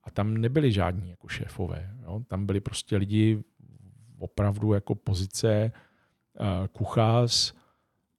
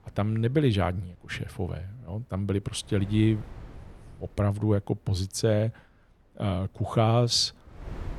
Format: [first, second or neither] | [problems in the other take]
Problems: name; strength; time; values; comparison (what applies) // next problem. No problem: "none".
first | wind noise on the microphone; occasional gusts; 25 dB below the speech